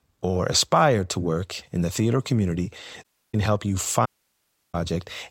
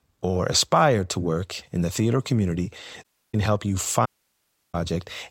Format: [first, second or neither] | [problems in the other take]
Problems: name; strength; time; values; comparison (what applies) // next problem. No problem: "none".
neither | audio cutting out; at 3 s and at 4 s for 0.5 s; the same in both